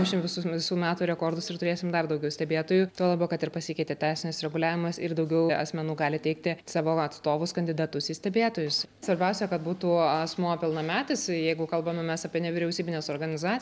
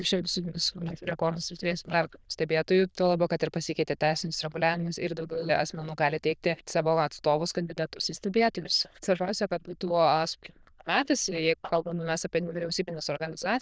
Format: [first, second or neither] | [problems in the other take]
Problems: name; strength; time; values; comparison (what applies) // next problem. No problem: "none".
first | noise reduction (neural diffusion model UNIVERSE++)